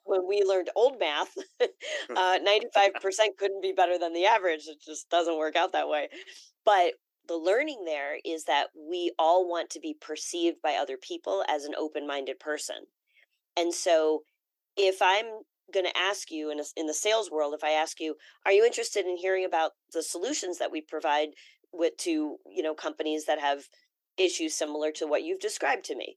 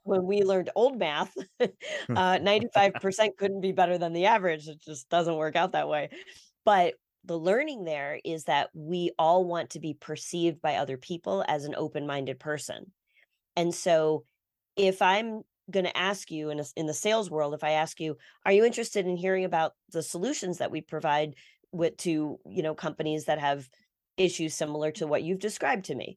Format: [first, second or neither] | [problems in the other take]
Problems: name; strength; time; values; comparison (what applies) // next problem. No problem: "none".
second | thin; somewhat; fading below 300 Hz